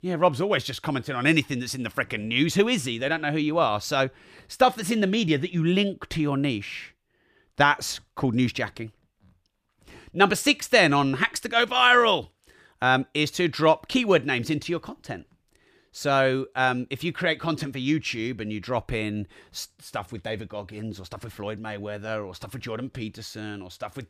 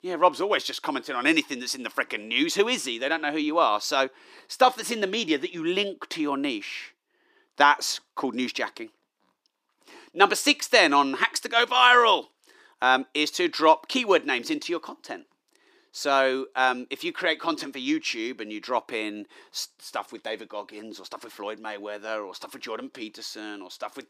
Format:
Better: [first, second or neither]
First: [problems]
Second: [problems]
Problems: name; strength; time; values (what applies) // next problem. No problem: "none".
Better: first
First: none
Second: thin; very slightly; fading below 300 Hz